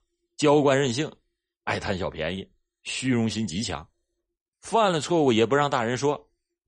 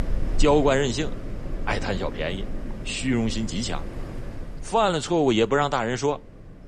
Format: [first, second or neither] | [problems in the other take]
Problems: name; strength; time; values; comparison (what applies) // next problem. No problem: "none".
first | wind noise on the microphone; occasional gusts; 15 dB below the speech